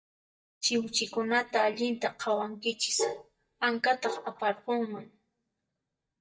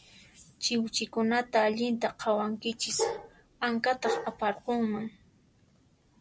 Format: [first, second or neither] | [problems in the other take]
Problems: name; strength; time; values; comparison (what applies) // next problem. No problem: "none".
second | noise reduction (neural mask model DeepFilterNet 3)